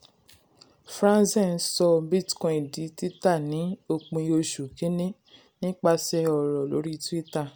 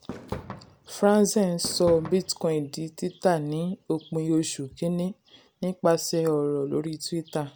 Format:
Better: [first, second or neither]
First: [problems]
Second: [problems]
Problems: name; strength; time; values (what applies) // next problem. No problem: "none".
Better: first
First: none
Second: background sound (Fireworks); 14 dB below the speech